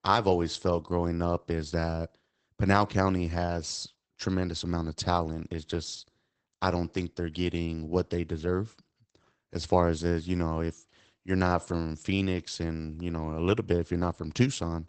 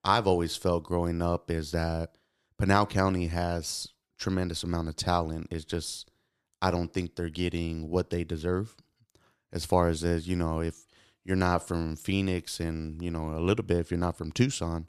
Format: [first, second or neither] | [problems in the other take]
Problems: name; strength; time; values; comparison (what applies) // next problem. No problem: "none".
second | garbled, watery; badly; nothing above 8 kHz